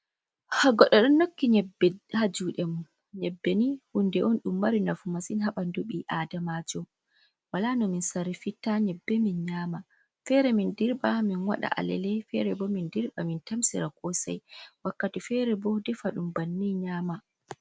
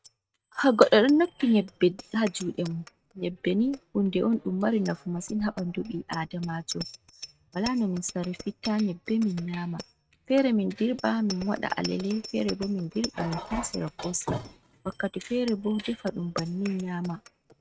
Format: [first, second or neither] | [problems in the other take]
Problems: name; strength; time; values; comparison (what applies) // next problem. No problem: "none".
first | noise reduction (neural mask model RNNoise)